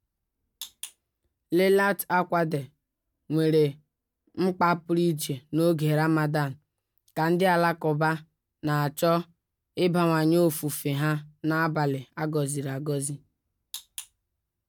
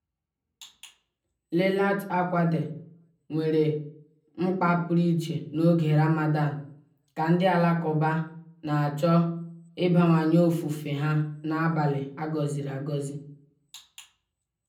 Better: first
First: none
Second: room echo; dies away in 0.6 s

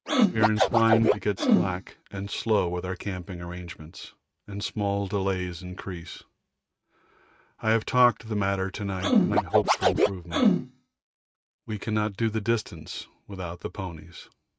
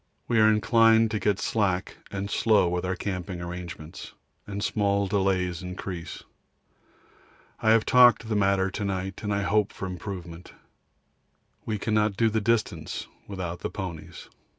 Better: second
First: noise reduction (neural mask model RNNoise)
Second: none

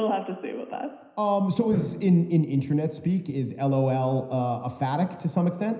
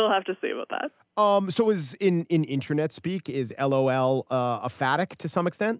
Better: second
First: background sound (Drum); 18 dB below the speech // room echo; dies away in 0.9 s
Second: none

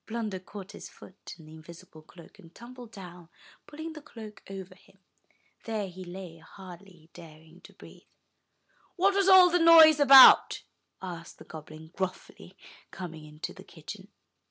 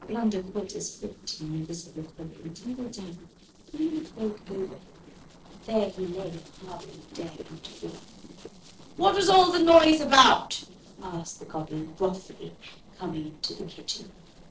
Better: first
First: none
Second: noise reduction (neural separator model SepFormer DNS4)

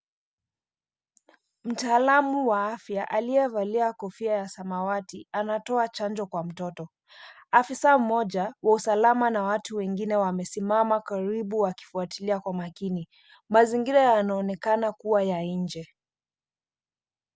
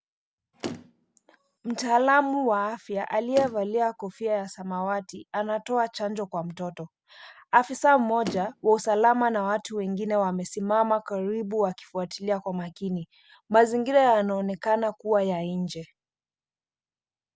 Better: first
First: none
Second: background sound (Motor vehicle (road)); 14 dB below the speech

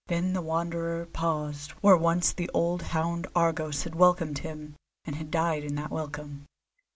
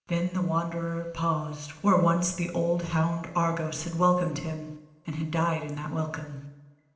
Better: first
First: none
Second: room echo; dies away in 0.8 s

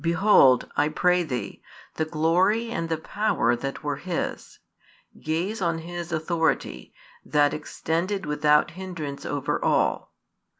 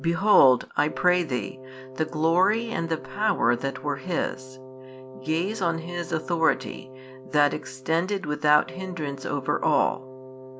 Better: first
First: none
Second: background sound (Wind instrument, woodwind instrument); 16 dB below the speech

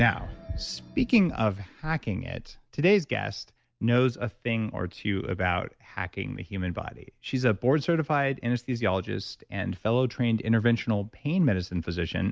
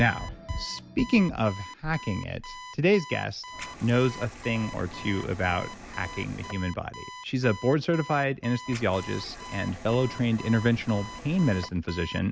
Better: first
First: none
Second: background sound (Alarm + Liquid); 14 dB below the speech

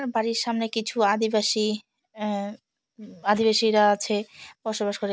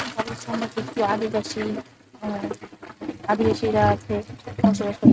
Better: first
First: none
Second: noise reduction (neural mask model RNNoise)

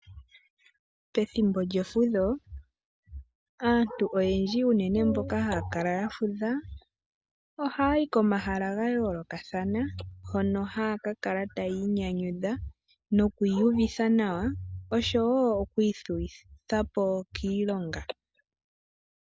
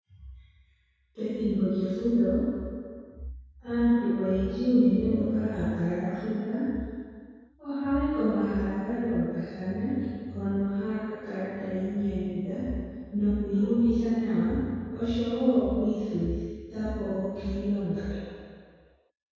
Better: first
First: none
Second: room echo; dies away in 2 s

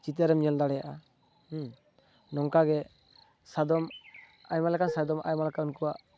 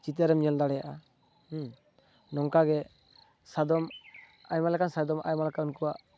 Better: second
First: background sound (Dishes, pots, and pans); 10 dB below the speech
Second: none

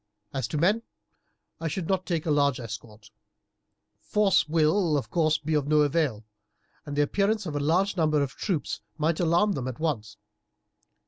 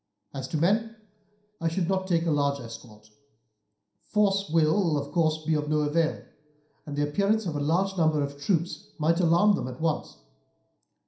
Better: first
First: none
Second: room echo; dies away in 0.5 s

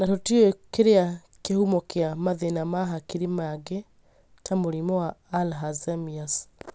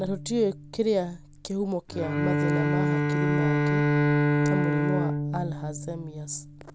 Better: first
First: none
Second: background sound (Bowed string instrument); 5 dB above the speech

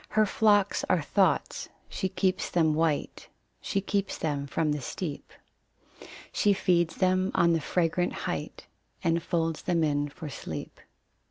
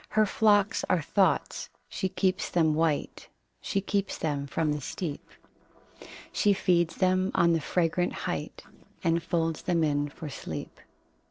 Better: first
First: none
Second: noise reduction (neural separator model SepFormer DNS4)

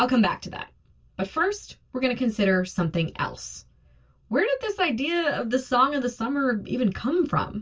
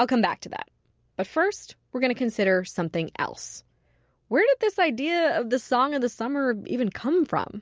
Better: second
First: room echo; dies away in 0.1 s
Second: none

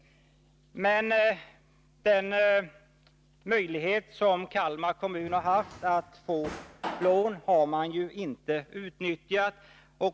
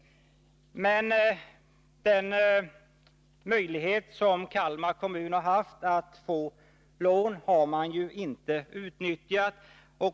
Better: second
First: background sound (Drawer open or close); 13 dB below the speech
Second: none

